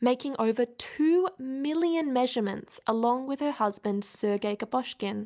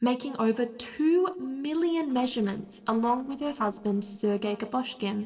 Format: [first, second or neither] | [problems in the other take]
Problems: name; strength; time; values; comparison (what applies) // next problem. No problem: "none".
first | noise reduction (neural separator model SepFormer DNS4)